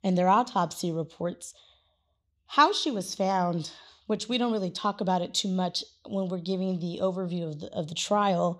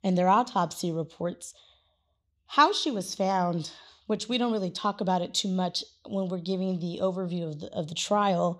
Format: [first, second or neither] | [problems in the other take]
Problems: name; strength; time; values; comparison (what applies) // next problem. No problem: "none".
neither | none